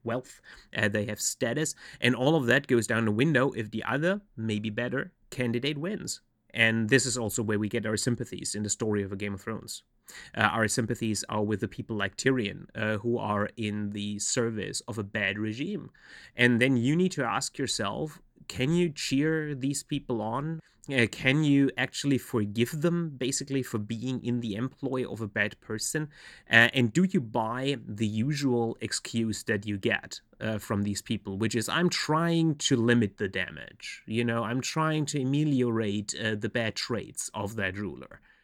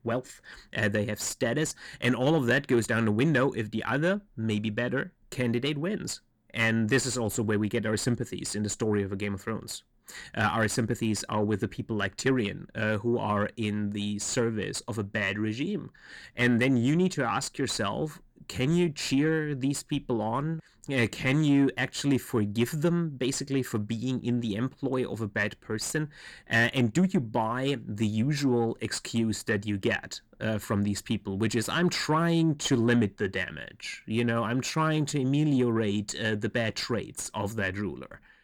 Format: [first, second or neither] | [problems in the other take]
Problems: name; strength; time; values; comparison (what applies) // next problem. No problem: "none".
first | distortion; slight; 10 dB below the speech